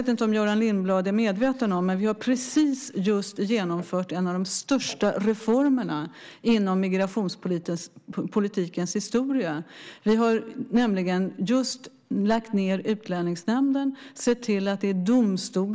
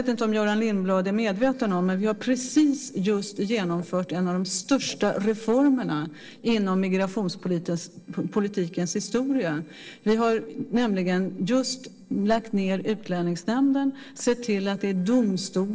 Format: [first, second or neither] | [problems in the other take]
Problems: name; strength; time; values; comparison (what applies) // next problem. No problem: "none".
first | noise reduction (neural separator model SepFormer DNS4)